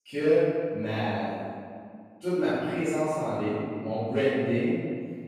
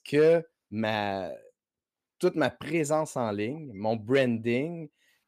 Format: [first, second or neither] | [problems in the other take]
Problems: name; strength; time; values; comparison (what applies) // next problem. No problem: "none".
second | off-mic speech; far // room echo; strong; dies away in 1.9 s